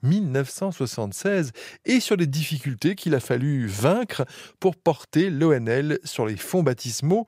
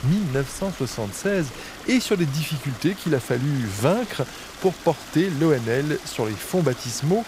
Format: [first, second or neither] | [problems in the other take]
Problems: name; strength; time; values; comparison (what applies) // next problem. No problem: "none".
first | rain or running water; noticeable; throughout; 15 dB below the speech